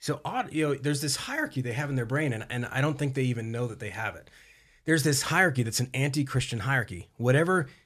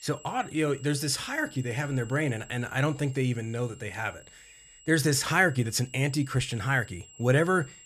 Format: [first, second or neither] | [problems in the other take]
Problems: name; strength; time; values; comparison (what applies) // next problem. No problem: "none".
first | high-pitched whine; faint; throughout; 7.5 kHz, 20 dB below the speech